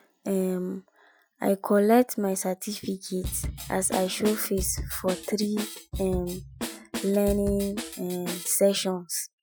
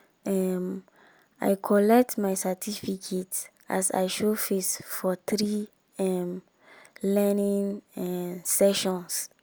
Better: second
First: noise reduction (classical method Wiener filter)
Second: none

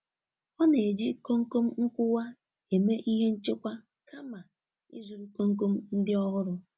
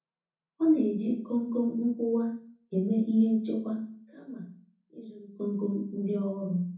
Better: first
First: none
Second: room echo; dies away in 0.6 s

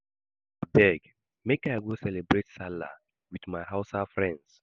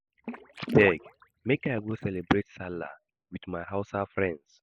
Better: first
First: none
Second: noise reduction (neural mask model Resemble Enhance denoiser)

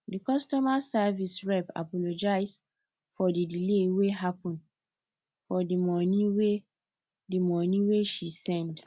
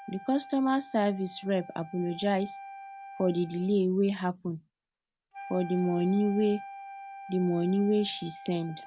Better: first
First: none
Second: background sound (Wind instrument, woodwind instrument); 16 dB below the speech

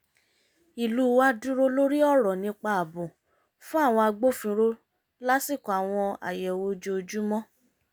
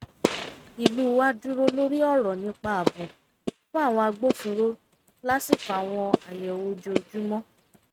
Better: first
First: none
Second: noise reduction (neural mask model RNNoise)

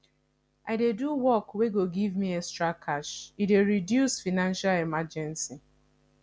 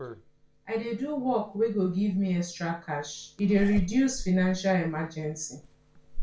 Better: first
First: none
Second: background sound (Zipper (clothing)); 10 dB below the speech // room echo; dies away in 0.3 s

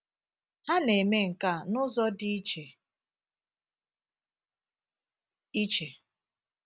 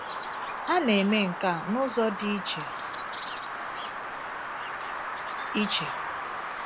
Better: first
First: none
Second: background sound (Bird vocalization, bird call, bird song); 4 dB below the speech

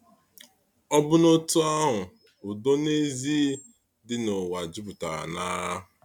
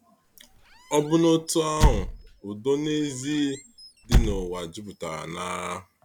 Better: first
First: none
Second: background sound (Squeak / Slam); as loud as the speech

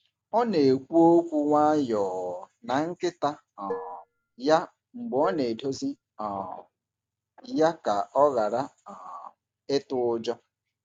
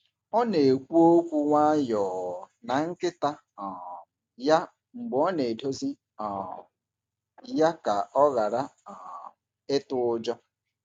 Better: second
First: background sound (Dishes, pots, and pans); 12 dB below the speech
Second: none

